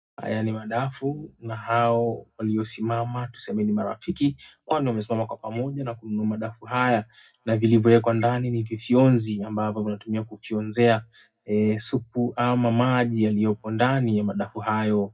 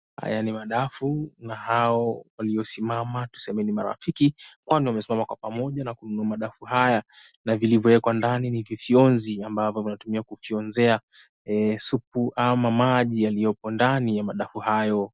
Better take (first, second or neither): second